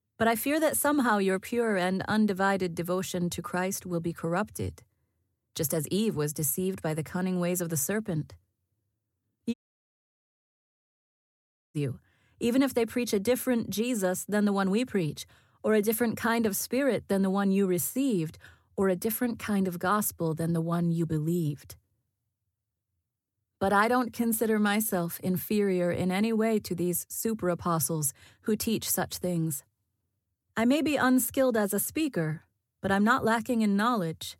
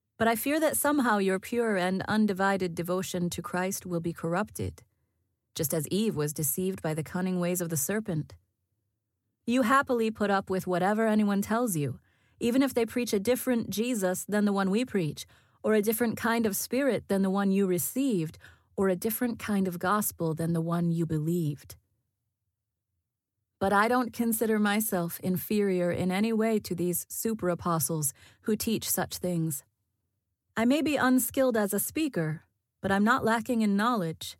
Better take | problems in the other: second | audio cutting out; at 9.5 s for 2 s

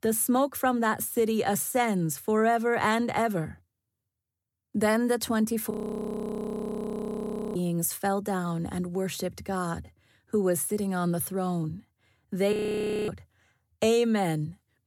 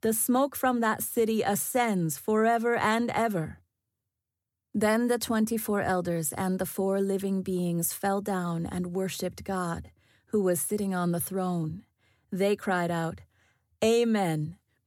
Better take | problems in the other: second | audio freezing; at 5.5 s for 2 s and at 13 s for 0.5 s

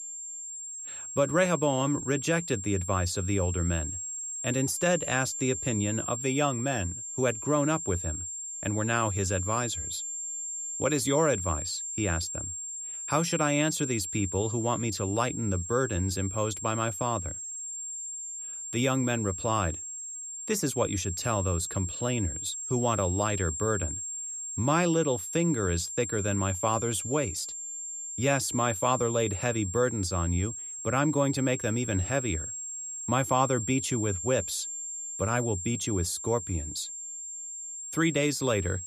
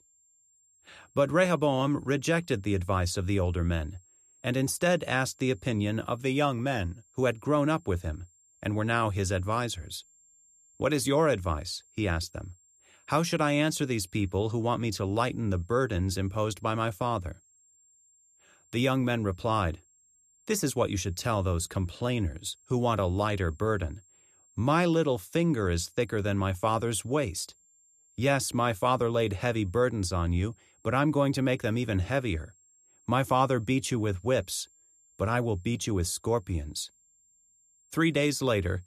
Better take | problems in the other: second | high-pitched whine; loud; throughout; 7.5 kHz, 5 dB below the speech; faint in the second

